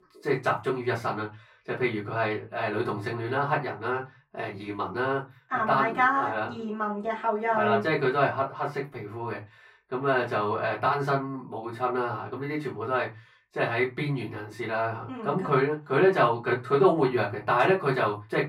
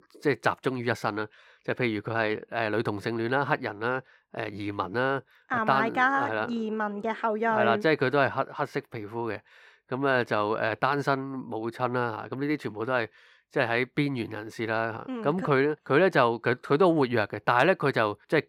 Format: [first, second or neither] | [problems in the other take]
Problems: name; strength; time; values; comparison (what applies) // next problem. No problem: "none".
second | off-mic speech; far // room echo; very slight; dies away in 0.2 s